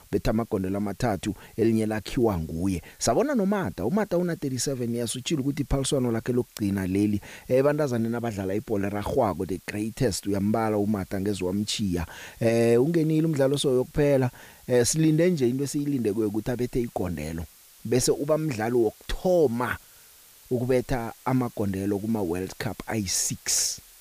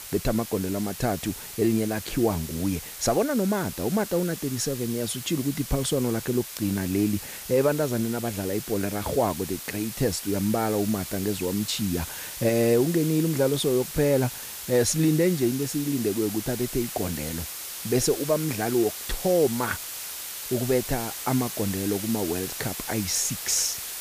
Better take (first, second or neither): first